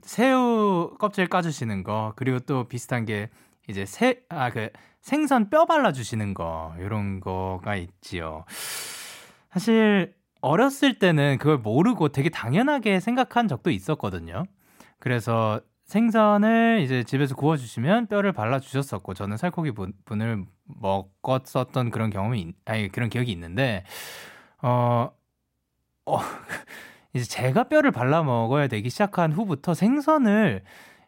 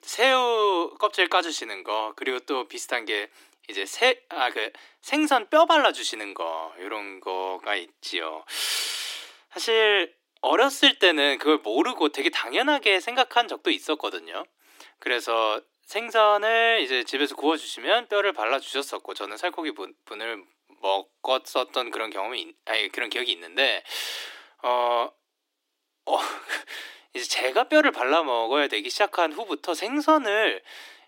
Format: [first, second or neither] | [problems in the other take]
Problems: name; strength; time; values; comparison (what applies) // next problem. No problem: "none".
first | thin; very; fading below 300 Hz